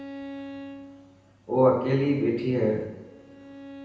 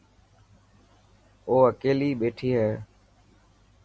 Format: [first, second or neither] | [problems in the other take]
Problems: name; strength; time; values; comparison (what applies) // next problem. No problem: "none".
second | background sound (Bowed string instrument); 16 dB below the speech // room echo; dies away in 0.9 s